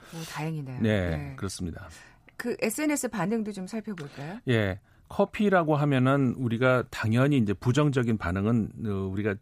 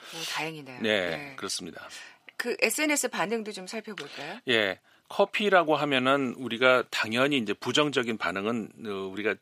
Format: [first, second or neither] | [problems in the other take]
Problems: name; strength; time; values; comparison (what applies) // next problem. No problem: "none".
first | thin; somewhat; fading below 350 Hz